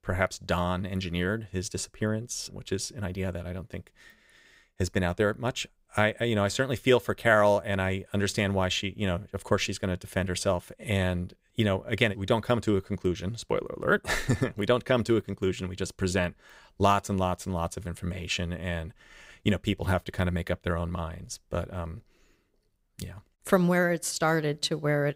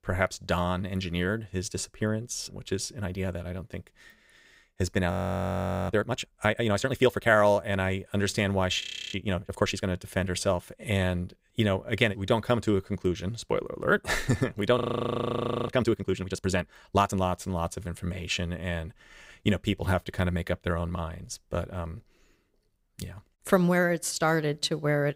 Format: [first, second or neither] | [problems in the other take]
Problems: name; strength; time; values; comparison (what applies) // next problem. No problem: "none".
first | audio freezing; at 5 s for 1 s, at 9 s and at 15 s for 1 s